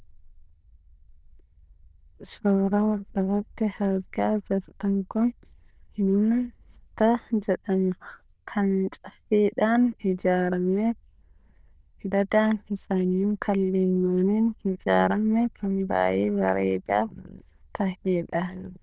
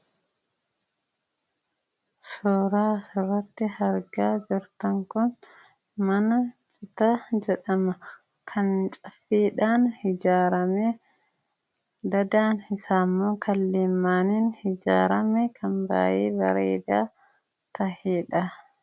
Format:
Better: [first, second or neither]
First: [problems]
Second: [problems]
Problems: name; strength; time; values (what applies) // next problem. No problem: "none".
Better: second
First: noise reduction (neural diffusion model UNIVERSE++)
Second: none